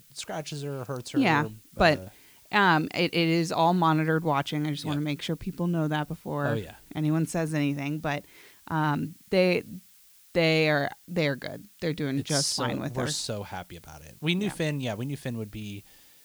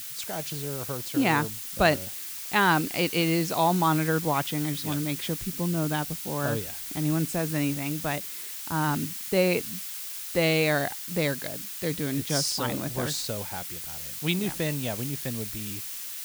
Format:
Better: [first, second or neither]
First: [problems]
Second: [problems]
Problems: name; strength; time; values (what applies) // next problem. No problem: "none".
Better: first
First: hiss; faint; throughout; 25 dB below the speech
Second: hiss; loud; throughout; 6 dB below the speech